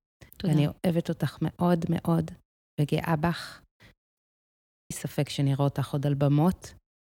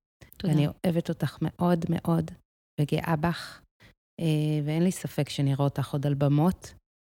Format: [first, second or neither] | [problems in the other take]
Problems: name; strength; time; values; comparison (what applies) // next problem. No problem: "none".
second | audio cutting out; at 4 s for 0.5 s